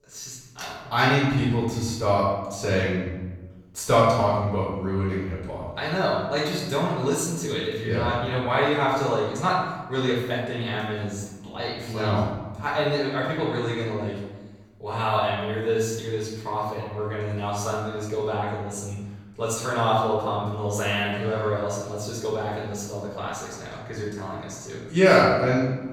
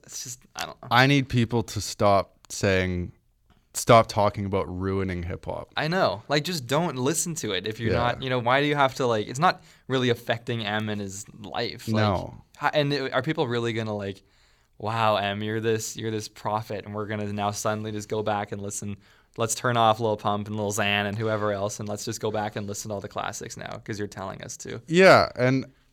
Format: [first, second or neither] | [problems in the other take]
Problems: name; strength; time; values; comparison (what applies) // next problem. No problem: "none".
second | room echo; noticeable; dies away in 1 s // off-mic speech; far